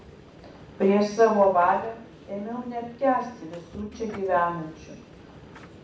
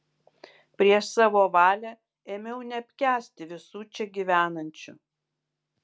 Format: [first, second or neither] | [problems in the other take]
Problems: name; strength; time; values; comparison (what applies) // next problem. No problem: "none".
second | background sound (Subway, metro, underground); 20 dB below the speech // room echo; dies away in 0.6 s